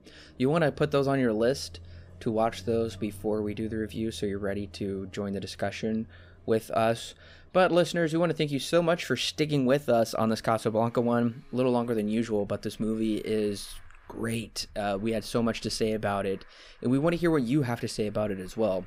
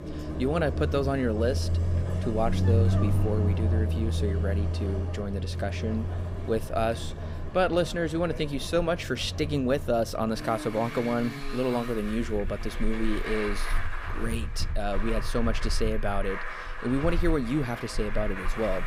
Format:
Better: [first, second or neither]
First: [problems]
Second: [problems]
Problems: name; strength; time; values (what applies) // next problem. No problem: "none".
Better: first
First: traffic noise; faint; throughout; 25 dB below the speech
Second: traffic noise; loud; throughout; 2 dB below the speech